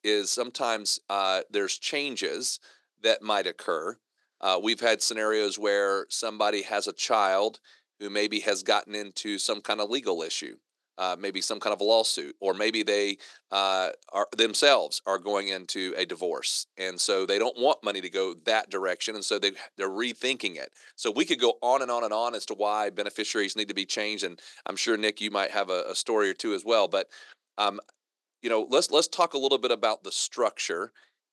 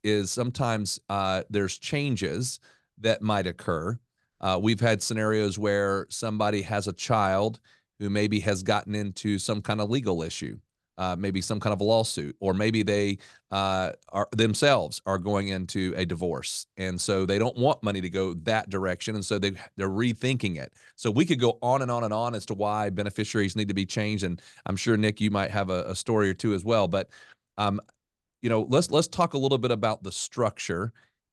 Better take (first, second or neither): second